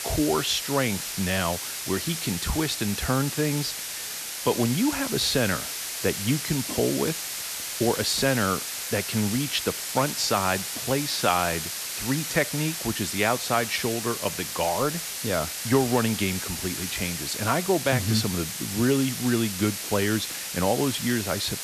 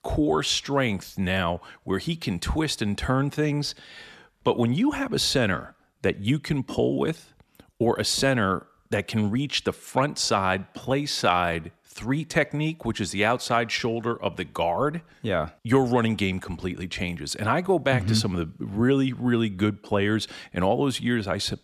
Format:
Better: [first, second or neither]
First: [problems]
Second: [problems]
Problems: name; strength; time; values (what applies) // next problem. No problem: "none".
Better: second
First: hiss; loud; throughout; 4 dB below the speech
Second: none